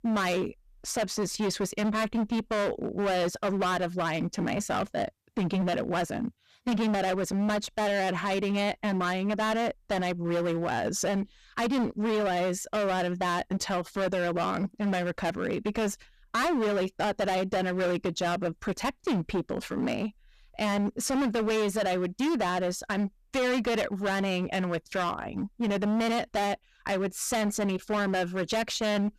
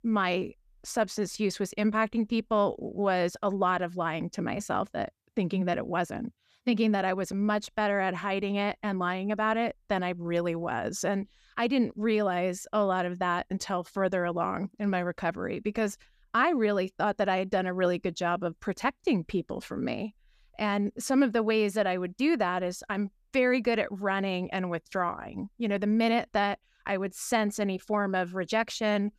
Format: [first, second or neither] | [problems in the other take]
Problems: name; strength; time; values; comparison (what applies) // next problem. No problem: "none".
second | distortion; heavy; 22% of the sound clipped